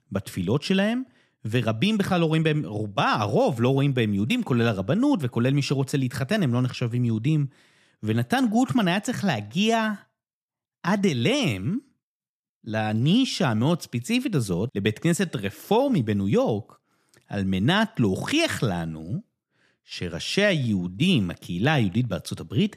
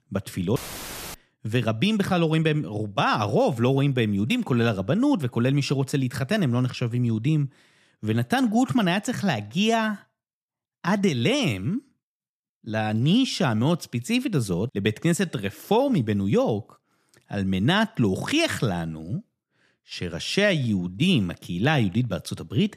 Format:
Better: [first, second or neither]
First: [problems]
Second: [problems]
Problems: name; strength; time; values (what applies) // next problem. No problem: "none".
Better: first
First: none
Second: audio cutting out; filled with static; at 0.5 s for 0.5 s